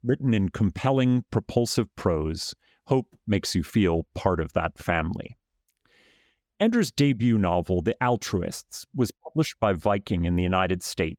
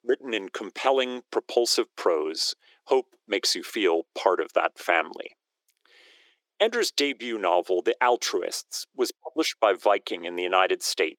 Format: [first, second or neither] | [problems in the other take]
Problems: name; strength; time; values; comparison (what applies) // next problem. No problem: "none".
first | thin; very; fading below 350 Hz